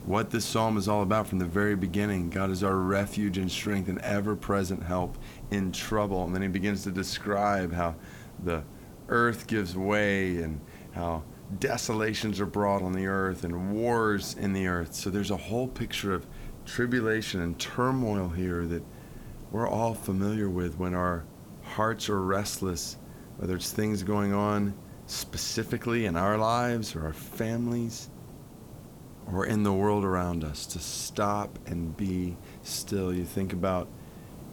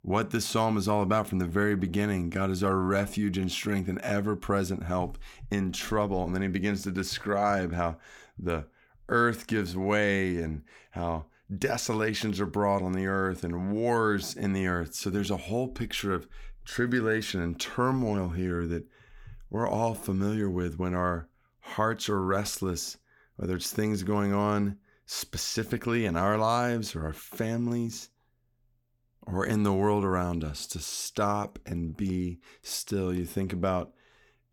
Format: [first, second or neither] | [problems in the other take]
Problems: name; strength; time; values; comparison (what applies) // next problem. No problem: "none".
second | hiss; noticeable; throughout; 15 dB below the speech